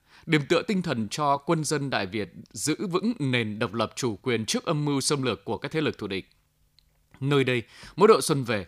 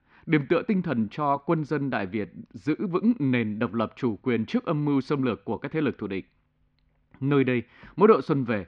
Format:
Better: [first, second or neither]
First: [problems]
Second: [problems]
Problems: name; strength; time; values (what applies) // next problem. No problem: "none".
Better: first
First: none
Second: muffled; very; fading above 2.5 kHz